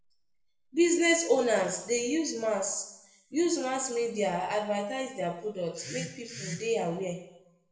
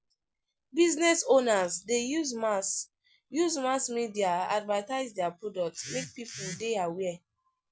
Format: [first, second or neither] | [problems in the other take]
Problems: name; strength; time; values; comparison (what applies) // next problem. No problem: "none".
second | room echo; dies away in 0.8 s